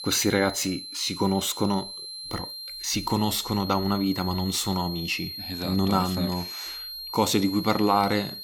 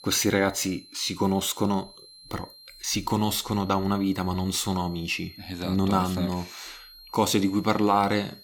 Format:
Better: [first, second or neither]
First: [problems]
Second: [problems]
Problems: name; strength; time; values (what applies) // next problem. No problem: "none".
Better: second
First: high-pitched whine; loud; throughout; 4 kHz, 9 dB below the speech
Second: high-pitched whine; faint; throughout; 4 kHz, 20 dB below the speech